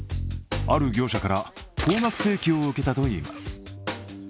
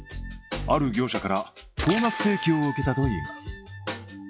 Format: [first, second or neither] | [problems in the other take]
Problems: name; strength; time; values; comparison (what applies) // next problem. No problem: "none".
first | noise reduction (classical method log-MMSE)